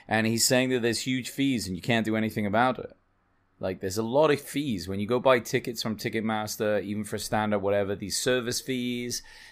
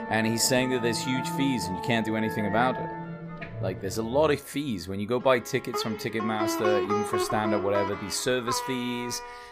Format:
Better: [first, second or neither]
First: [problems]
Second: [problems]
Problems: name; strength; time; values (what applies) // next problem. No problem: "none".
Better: first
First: none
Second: background music; loud; throughout; 5 dB below the speech